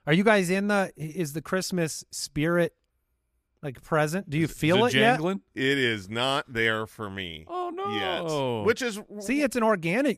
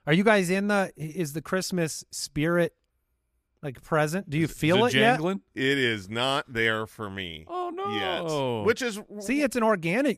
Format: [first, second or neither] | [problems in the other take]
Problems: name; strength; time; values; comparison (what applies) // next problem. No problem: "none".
neither | none